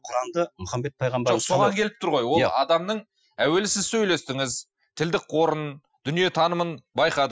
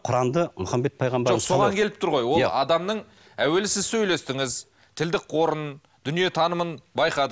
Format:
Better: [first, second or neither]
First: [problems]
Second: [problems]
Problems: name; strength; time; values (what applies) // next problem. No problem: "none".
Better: second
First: noise reduction (classical method Wiener filter)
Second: none